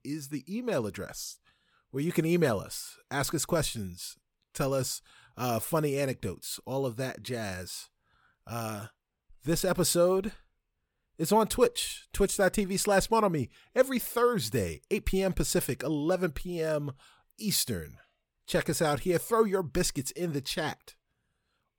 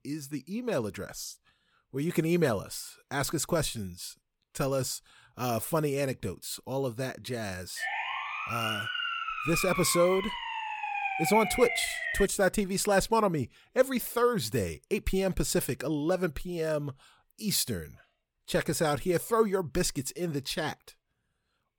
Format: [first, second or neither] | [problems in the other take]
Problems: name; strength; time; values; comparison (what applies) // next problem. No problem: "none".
first | siren; noticeable; from 8 to 12 s; peak level with the speech